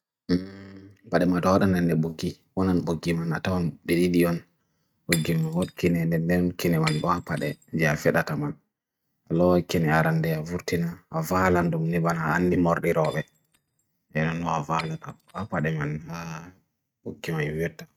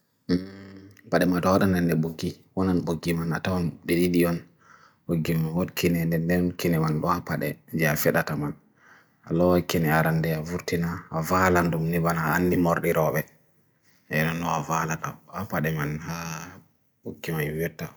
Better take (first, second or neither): second